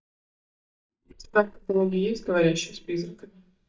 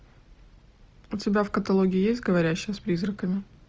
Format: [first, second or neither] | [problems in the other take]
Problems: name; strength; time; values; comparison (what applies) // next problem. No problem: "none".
second | noise reduction (neural mask model DeepFilterNet 3)